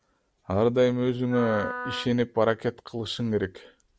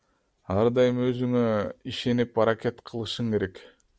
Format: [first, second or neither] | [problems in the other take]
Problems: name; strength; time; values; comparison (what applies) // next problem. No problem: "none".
second | background sound (Wind instrument, woodwind instrument); 11 dB below the speech